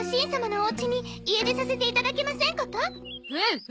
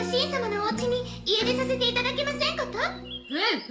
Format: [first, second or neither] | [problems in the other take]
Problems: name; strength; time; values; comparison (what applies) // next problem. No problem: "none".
first | room echo; dies away in 1.3 s